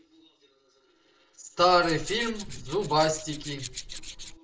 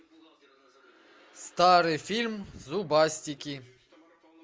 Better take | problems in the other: second | noise reduction (neural separator model SepFormer DNS4)

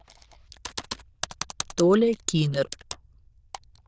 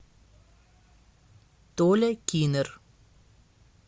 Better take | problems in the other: second | noise reduction (neural diffusion model UNIVERSE++)

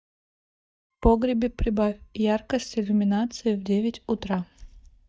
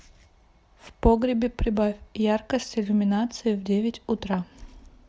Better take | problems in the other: second | noise reduction (neural mask model DeepFilterNet 3)

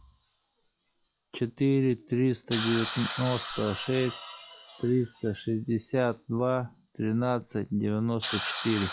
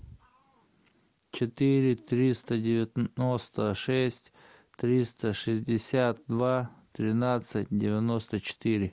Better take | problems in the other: second | noise reduction (classical method log-MMSE)

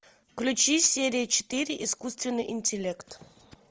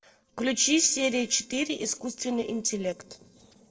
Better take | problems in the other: first | noise reduction (neural separator model SepFormer DNS4)

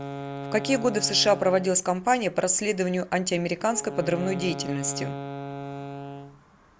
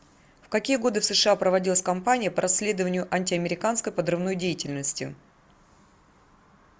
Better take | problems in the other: second | background sound (Wind instrument, woodwind instrument); 11 dB below the speech

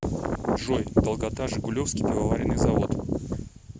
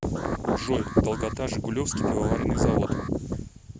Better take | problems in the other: first | background sound (Alarm); 17 dB below the speech

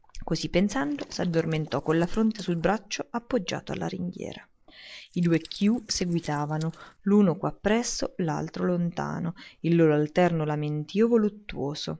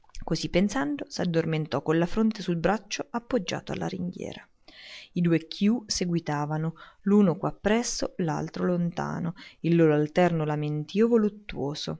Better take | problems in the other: second | noise reduction (neural mask model Resemble Enhance denoiser)

